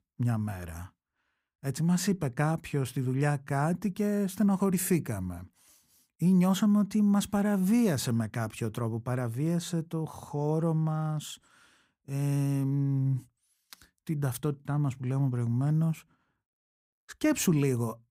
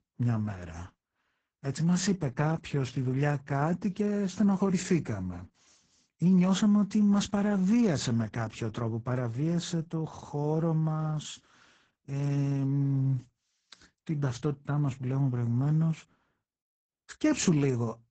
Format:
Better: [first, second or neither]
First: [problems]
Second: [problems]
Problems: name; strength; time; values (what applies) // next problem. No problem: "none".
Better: first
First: none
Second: garbled, watery; badly; nothing above 8 kHz